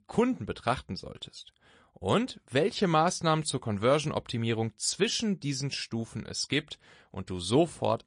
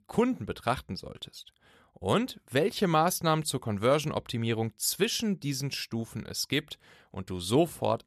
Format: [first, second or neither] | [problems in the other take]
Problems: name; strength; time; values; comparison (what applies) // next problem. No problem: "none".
second | garbled, watery; slightly; nothing above 10 kHz